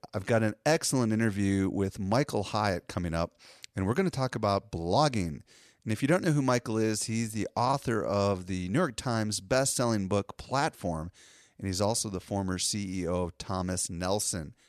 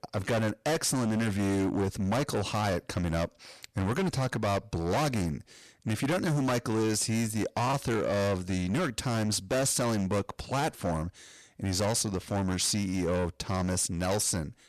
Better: first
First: none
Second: distortion; heavy; 21% of the sound clipped

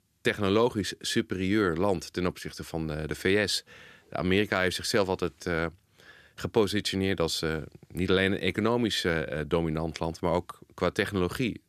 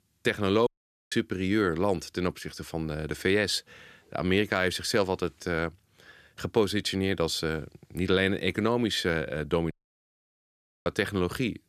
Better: first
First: none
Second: audio cutting out; at 0.5 s and at 9.5 s for 1 s

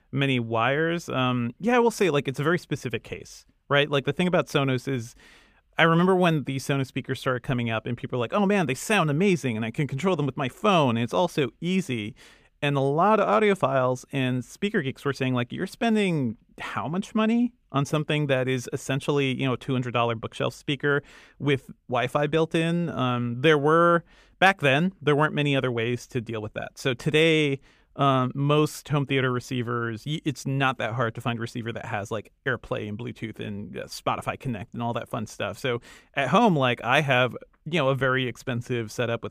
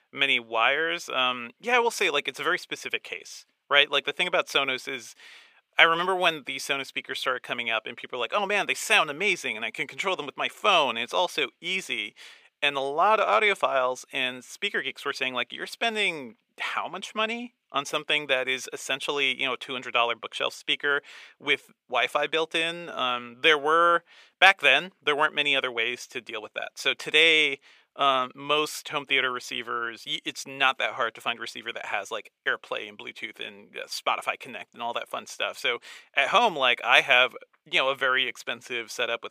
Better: first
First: none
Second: thin; very; fading below 600 Hz

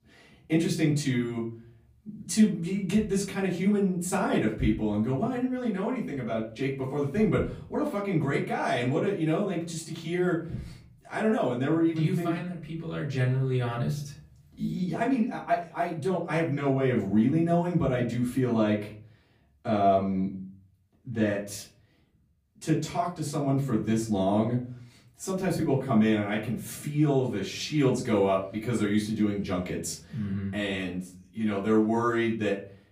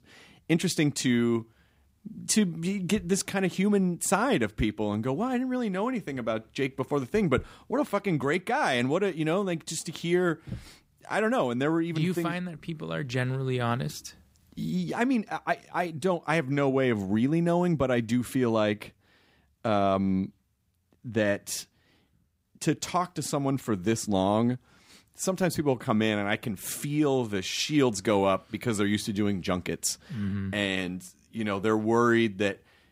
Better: second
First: off-mic speech; far // room echo; slight; dies away in 0.5 s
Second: none

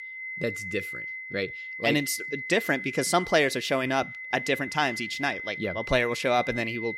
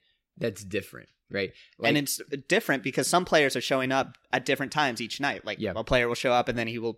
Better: second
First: high-pitched whine; loud; throughout; 2 kHz, 8 dB below the speech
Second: none

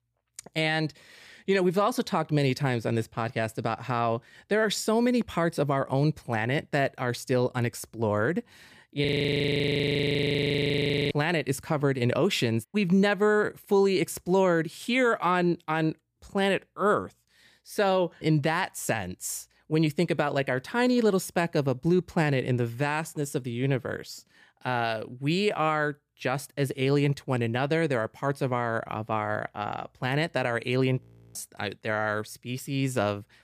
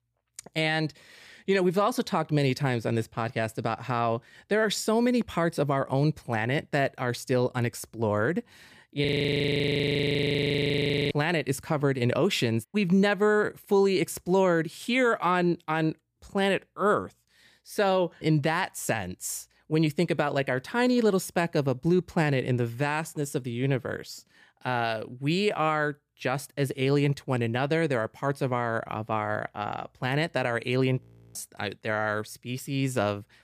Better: neither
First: audio freezing; at 9 s for 2 s and at 31 s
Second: audio freezing; at 9 s for 2 s and at 31 s

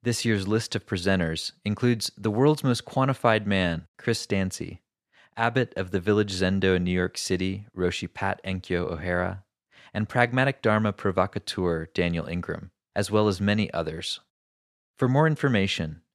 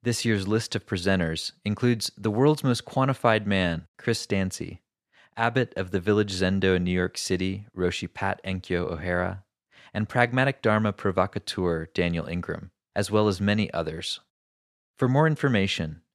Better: neither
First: none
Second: none

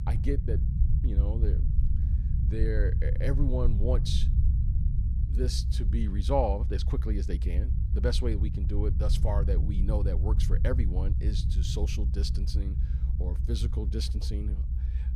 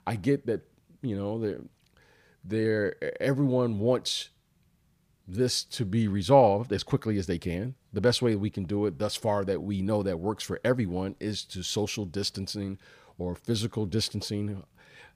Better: second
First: low rumble; loud; throughout; 9 dB below the speech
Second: none

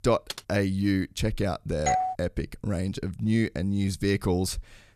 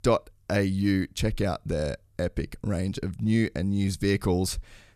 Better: second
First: keyboard typing; faint; at 0.5 s; peak 10 dB below the speech // doorbell; loud; at 2 s; peak 2 dB above the speech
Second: none

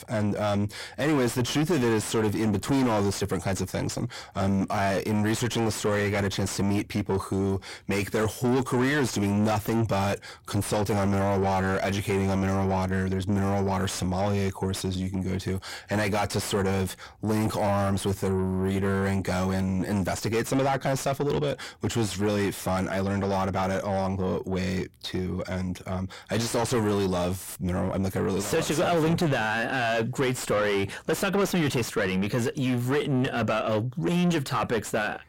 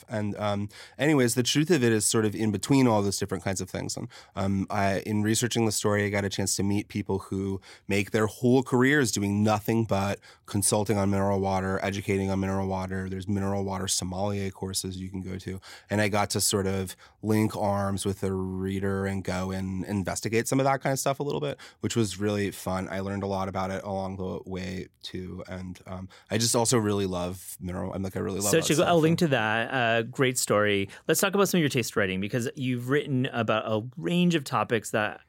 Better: second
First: distortion; heavy; 6 dB below the speech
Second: none

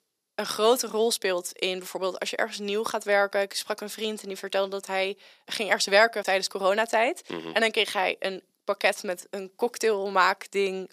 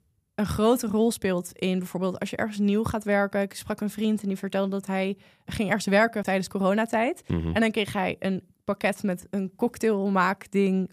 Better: second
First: thin; very; fading below 350 Hz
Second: none

